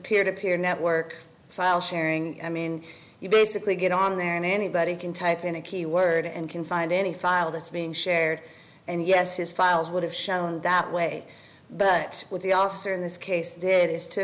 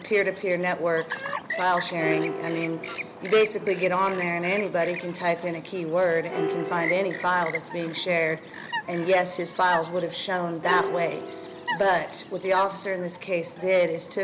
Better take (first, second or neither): first